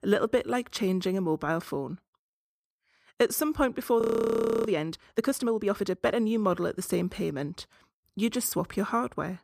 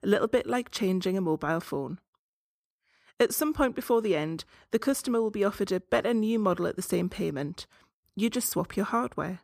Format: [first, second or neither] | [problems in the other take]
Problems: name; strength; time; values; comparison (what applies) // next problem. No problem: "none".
second | audio freezing; at 4 s for 0.5 s